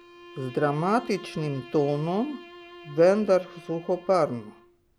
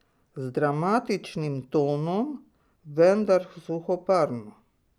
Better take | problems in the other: second | background sound (Bowed string instrument); 19 dB below the speech

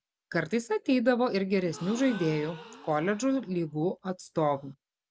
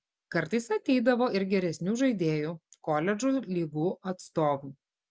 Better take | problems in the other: second | background sound (Gasp); 18 dB below the speech

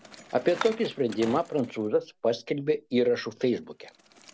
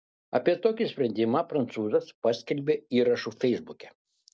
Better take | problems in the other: second | background sound (Bicycle); 16 dB below the speech

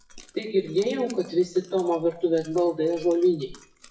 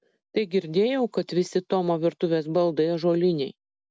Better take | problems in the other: second | noise reduction (classical method WPE with log-MMSE)

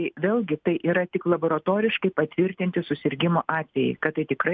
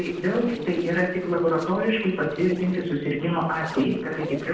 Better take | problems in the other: first | noise reduction (neural separator model SepFormer DNS4)

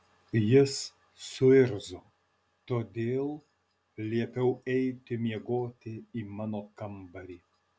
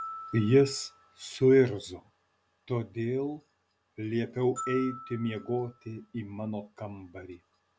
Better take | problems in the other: first | background sound (Glockenspiel); 17 dB below the speech

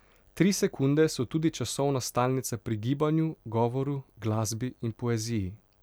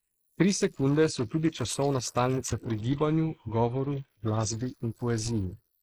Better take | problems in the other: first | noise reduction (neural mask model Resemble Enhance denoiser)

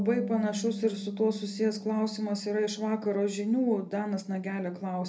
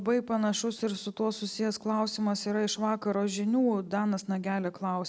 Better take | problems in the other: second | background sound (Bass guitar); 11 dB below the speech // room echo; dies away in 0.3 s

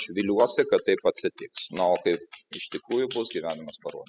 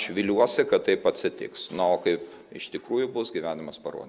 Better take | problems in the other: second | noise reduction (classical method spectral subtraction)

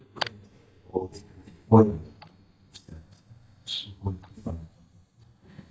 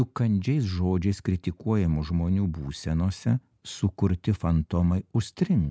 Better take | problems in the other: second | noise reduction (neural mask model DeepFilterNet 3)

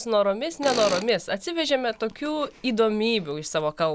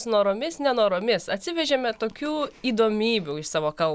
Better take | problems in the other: second | background sound (Tools); 13 dB below the speech

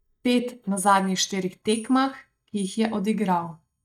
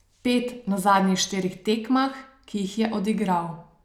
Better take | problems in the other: second | noise reduction (neural mask model DeepFilterNet 3)

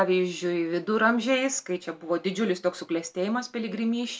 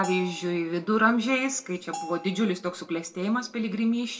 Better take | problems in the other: first | background sound (Bell); 14 dB below the speech // room echo; dies away in 0.9 s

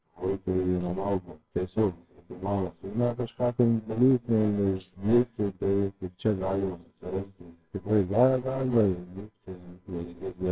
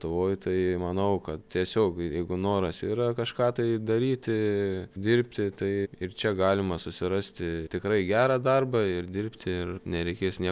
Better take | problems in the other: second | noise reduction (neural separator model SepFormer WHAMR!)

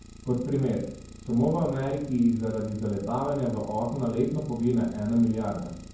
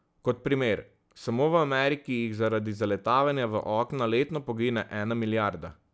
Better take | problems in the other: second | background sound (Idling); 18 dB below the speech // room echo; dies away in 0.9 s

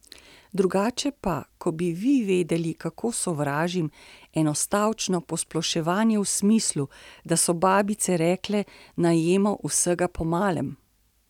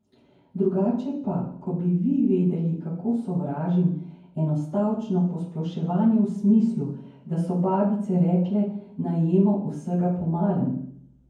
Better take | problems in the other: first | room echo; dies away in 0.9 s

